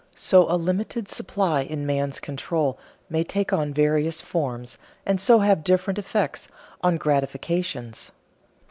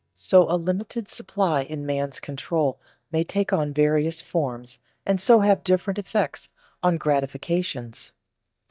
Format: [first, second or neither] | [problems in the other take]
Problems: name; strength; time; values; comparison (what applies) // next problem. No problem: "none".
first | noise reduction (neural mask model DeepFilterNet 3)